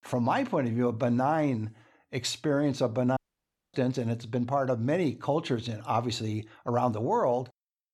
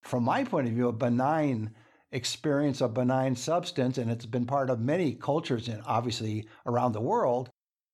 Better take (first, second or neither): second